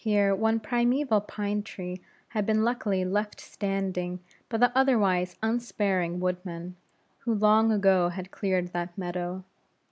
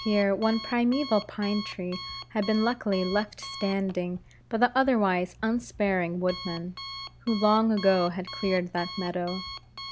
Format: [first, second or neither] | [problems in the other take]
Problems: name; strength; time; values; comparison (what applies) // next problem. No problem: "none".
first | background sound (Alarm); 14 dB below the speech